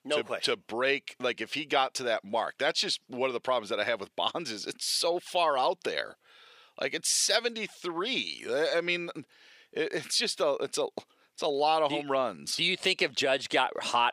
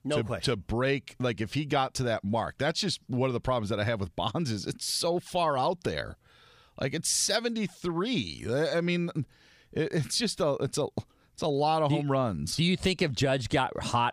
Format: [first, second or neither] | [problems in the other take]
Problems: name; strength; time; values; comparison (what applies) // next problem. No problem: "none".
second | thin; somewhat; fading below 450 Hz